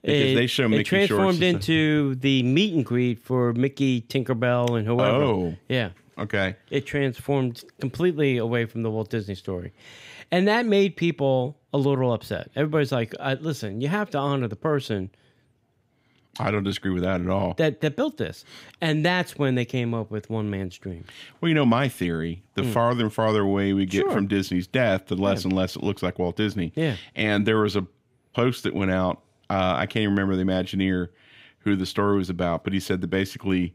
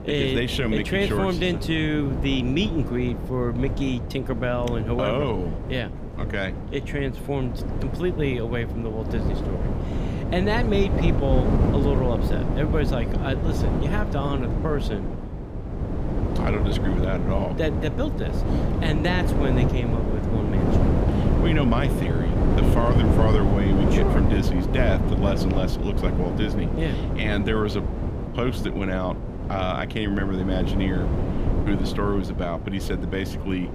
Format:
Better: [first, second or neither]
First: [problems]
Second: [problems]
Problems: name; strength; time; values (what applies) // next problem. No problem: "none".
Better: first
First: none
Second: wind noise on the microphone; heavy; 4 dB below the speech